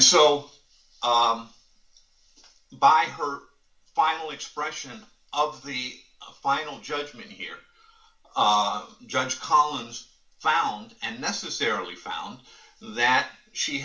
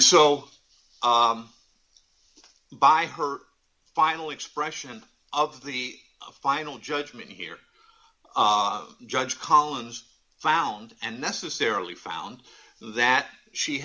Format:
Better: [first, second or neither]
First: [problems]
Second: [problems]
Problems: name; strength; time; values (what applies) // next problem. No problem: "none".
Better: second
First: room echo; dies away in 0.2 s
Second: none